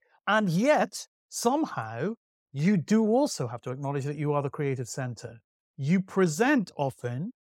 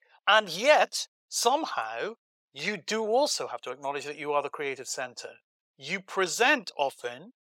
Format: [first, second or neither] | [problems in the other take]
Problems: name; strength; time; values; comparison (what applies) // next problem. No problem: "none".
first | thin; very; fading below 600 Hz